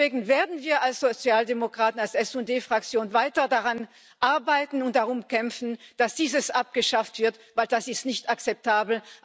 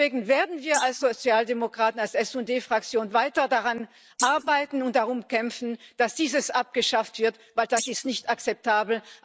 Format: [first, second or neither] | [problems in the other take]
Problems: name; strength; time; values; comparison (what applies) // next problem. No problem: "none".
first | noise reduction (neural mask model Resemble Enhance denoiser)